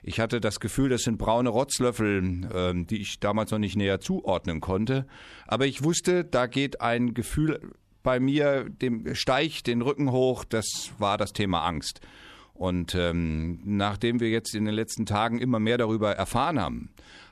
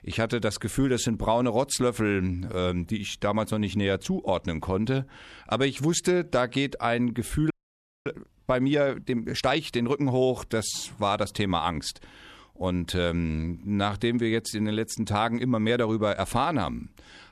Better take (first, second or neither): first